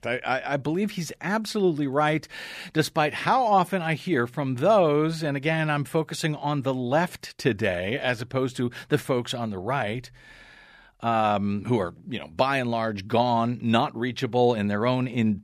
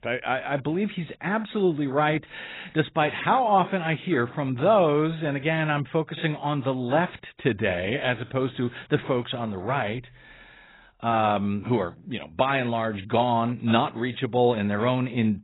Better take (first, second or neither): first